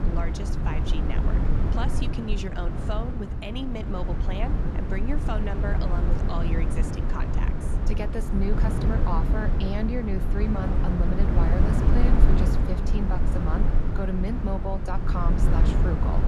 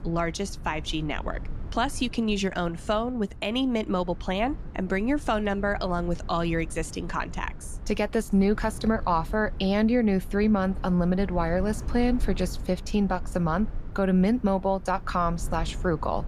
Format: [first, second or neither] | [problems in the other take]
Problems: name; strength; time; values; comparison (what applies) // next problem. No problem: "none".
second | low rumble; loud; throughout; 1 dB below the speech; faint in the second